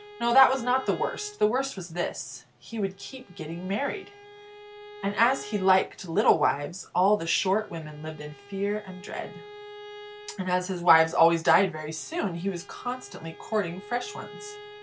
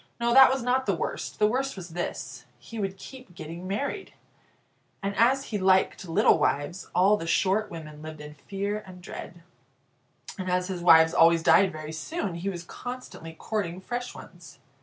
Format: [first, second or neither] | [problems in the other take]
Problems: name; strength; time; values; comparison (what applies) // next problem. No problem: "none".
second | background sound (Bowed string instrument); 19 dB below the speech